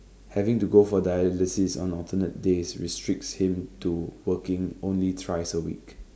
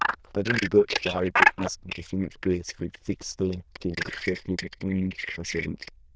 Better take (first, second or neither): first